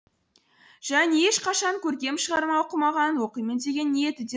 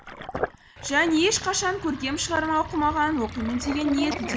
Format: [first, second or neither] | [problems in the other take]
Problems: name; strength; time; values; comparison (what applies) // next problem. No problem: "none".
first | background sound (Sink (filling or washing)); 9 dB below the speech